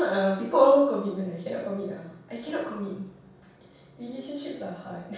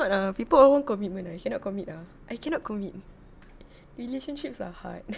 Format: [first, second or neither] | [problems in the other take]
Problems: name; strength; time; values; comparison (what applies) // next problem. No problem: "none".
second | room echo; dies away in 0.7 s